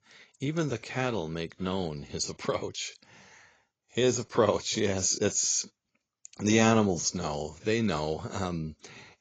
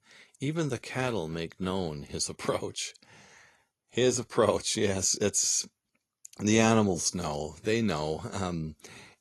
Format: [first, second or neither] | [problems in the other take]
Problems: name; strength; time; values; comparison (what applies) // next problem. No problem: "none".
second | garbled, watery; badly; nothing above 6.5 kHz; slightly in the second